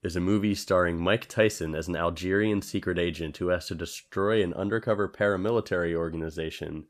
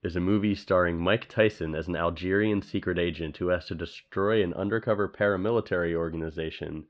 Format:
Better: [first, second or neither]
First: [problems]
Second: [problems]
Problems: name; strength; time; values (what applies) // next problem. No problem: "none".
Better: first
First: none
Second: muffled; slightly; fading above 4 kHz